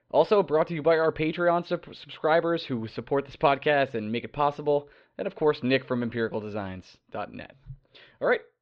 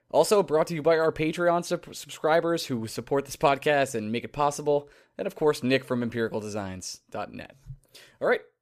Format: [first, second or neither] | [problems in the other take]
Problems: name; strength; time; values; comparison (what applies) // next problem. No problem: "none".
second | muffled; slightly; fading above 4 kHz